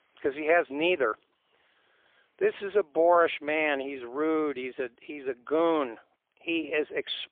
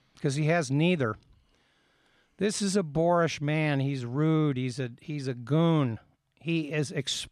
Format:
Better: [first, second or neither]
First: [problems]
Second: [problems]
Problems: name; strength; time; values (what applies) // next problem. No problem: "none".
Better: second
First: phone-call audio; poor line; nothing above 3.5 kHz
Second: none